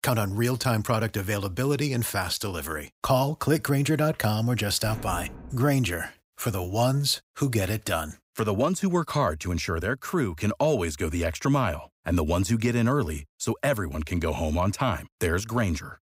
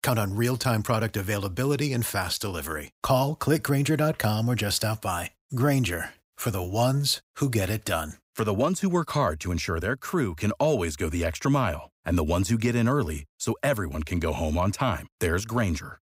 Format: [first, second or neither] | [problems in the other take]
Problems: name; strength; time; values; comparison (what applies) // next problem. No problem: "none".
second | door banging; faint; at 5 s; peak 10 dB below the speech